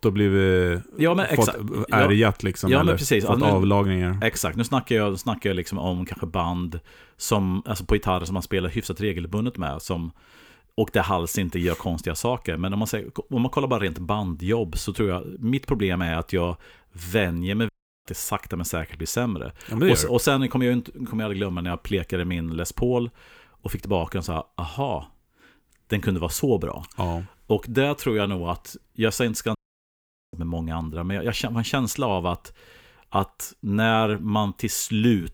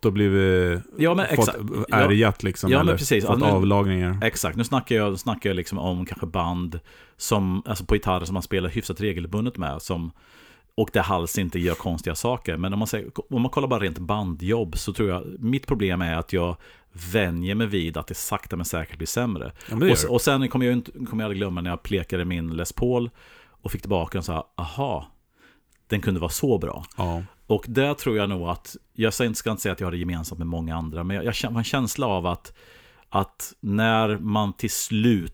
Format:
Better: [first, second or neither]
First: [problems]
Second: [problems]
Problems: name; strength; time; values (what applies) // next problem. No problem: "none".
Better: second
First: audio cutting out; at 18 s and at 30 s for 1 s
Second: none